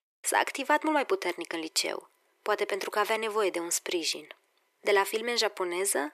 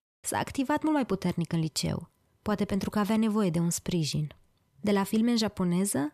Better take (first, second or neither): second